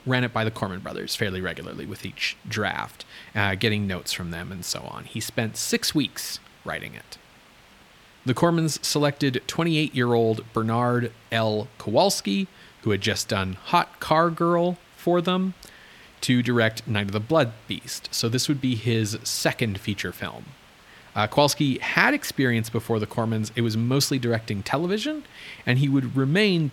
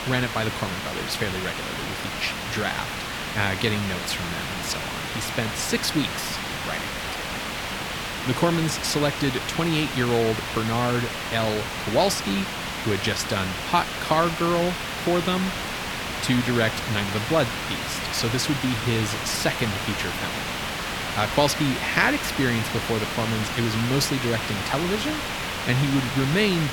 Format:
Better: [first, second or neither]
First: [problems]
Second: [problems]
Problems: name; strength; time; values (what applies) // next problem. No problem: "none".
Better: first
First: hiss; faint; throughout; 25 dB below the speech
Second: hiss; loud; throughout; 3 dB below the speech